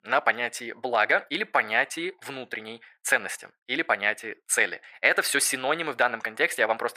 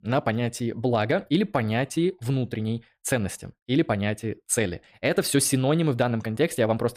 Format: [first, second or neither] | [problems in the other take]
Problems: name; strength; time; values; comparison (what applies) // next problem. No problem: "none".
second | thin; very; fading below 550 Hz